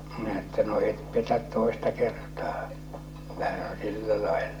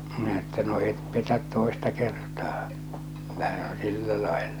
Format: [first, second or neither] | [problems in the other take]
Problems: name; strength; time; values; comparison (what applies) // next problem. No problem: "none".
second | room echo; dies away in 0.5 s